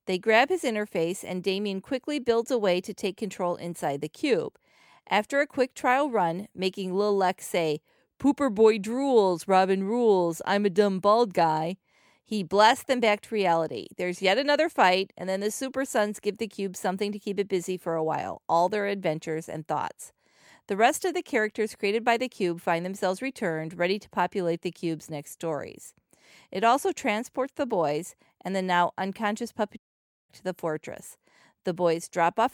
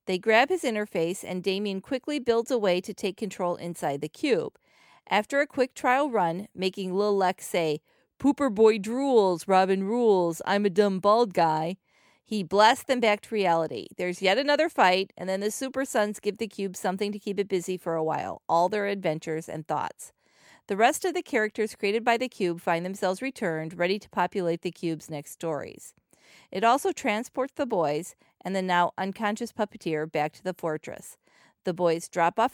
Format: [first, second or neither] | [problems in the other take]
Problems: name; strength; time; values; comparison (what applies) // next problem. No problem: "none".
second | audio cutting out; at 30 s for 0.5 s